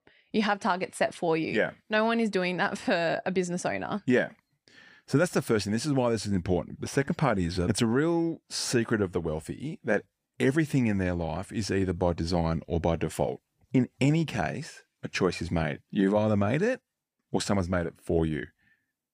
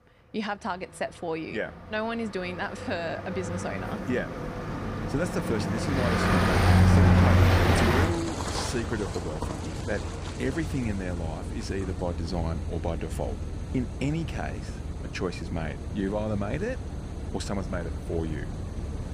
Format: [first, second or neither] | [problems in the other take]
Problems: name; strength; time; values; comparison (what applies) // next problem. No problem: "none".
first | traffic noise; very loud; throughout; 4 dB above the speech